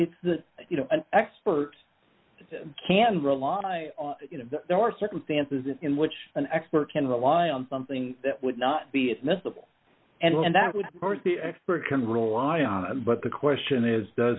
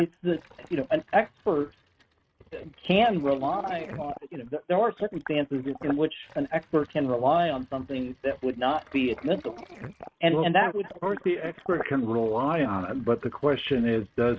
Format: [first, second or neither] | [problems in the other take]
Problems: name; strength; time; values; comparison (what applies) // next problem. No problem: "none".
first | noise reduction (neural mask model RNNoise)